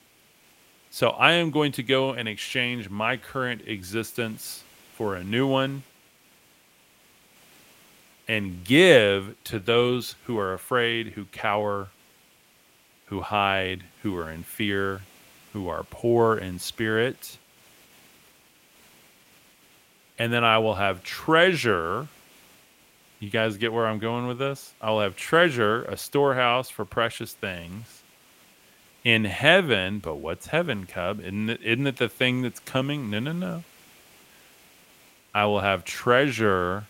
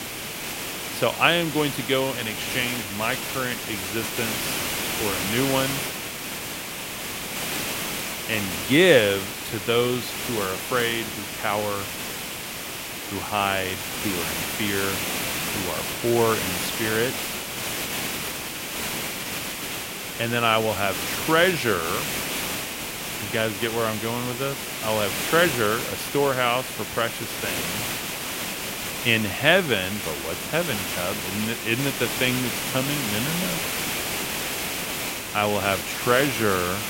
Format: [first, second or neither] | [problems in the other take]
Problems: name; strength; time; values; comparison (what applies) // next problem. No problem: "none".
first | hiss; loud; throughout; 3 dB below the speech; faint in the first